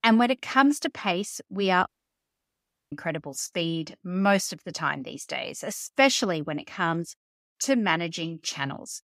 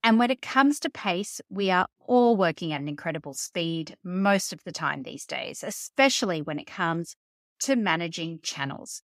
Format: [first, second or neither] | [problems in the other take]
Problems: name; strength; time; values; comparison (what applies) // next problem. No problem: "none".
second | audio cutting out; at 2 s for 1 s